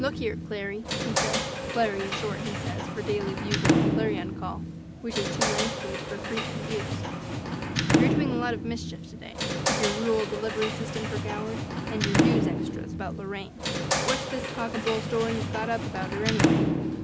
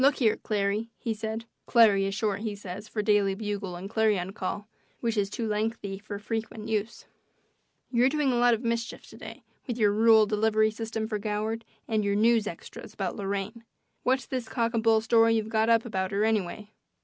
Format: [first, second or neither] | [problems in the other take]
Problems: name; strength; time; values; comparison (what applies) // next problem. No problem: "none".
second | background sound (Sliding door / Slam); 4 dB above the speech